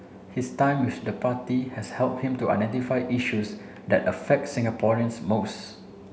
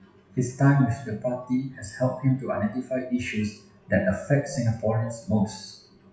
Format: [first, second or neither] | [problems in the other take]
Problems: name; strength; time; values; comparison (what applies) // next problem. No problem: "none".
first | noise reduction (classical method WPE with log-MMSE)